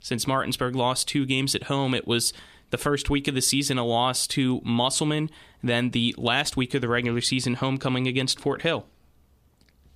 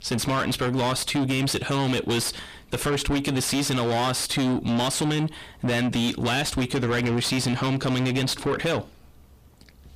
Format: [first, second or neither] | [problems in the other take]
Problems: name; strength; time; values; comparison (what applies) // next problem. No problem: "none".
first | distortion; heavy; 6 dB below the speech